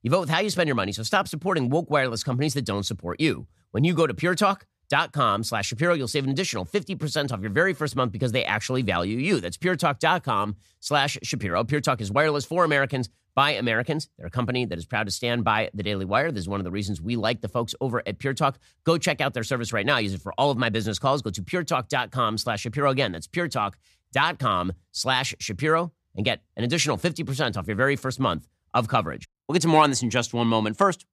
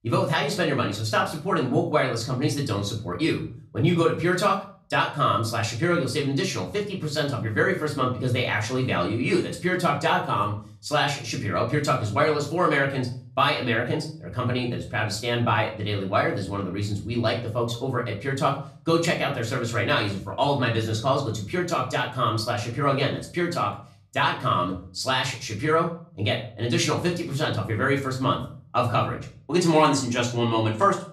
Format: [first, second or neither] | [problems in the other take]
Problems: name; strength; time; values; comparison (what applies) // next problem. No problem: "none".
first | room echo; slight; dies away in 0.4 s // off-mic speech; far